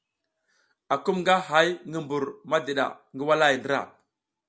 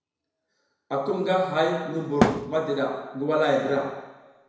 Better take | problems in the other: first | background sound (Thump, thud); 4 dB above the speech // room echo; dies away in 1 s

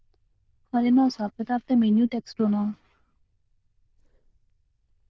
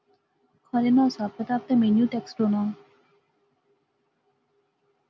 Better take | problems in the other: second | noise reduction (neural diffusion model UNIVERSE++)

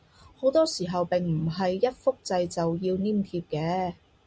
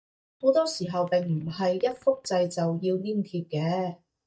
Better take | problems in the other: first | noise reduction (neural mask model DeepFilterNet 3)

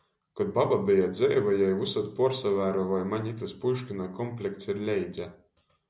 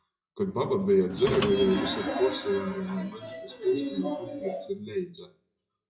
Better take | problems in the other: first | noise reduction (classical method WPE with log-MMSE)

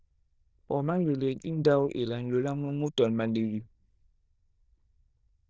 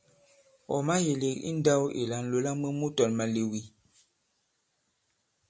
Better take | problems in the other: second | noise reduction (neural diffusion model UNIVERSE++)

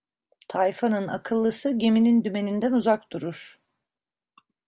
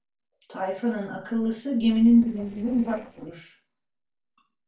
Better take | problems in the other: first | noise reduction (neural separator model SepFormer DNS4)

